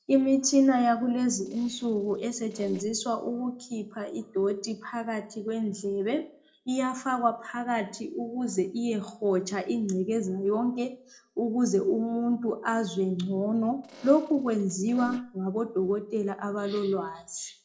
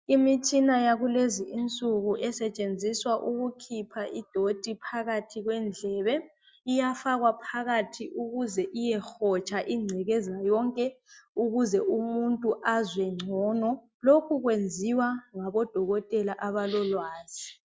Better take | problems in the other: second | noise reduction (neural separator model SepFormer DNS4)

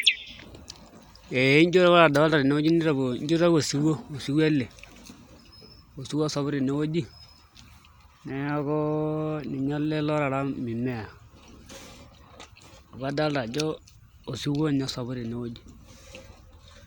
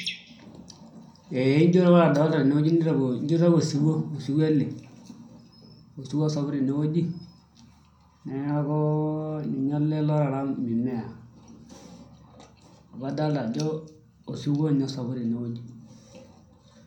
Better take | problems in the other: first | room echo; dies away in 0.6 s

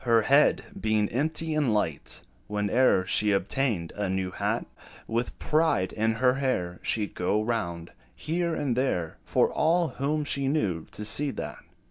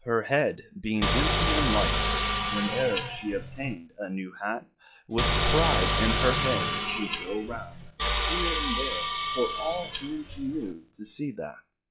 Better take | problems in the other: first | noise reduction (classical method log-MMSE)

